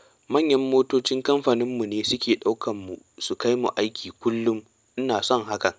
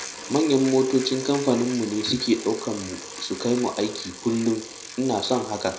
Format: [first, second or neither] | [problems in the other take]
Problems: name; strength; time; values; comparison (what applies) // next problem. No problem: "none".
first | background sound (Bicycle); 13 dB below the speech // room echo; dies away in 0.5 s